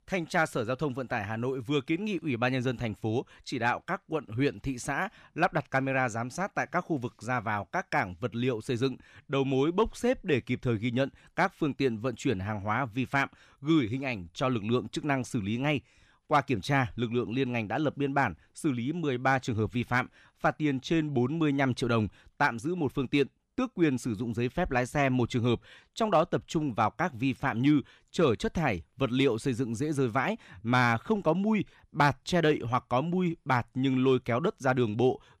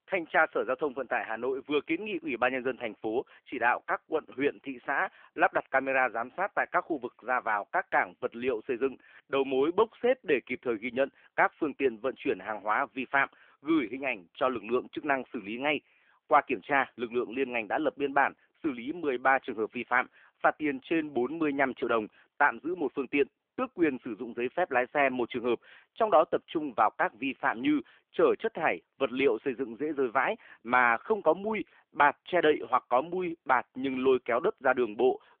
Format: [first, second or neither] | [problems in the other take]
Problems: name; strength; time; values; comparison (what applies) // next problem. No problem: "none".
first | phone-call audio